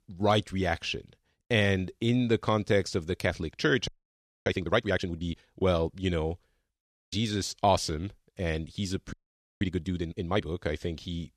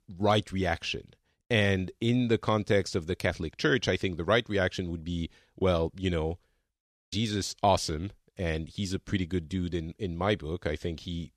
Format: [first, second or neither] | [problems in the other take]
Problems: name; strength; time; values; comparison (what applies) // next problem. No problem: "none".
second | audio freezing; at 4 s for 0.5 s and at 9 s